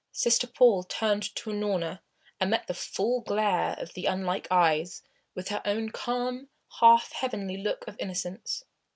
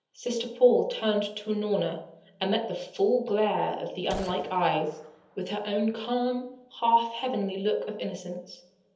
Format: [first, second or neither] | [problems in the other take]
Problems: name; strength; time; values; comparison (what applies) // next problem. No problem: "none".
first | background sound (Gunshot, gunfire); 20 dB below the speech // room echo; dies away in 1.2 s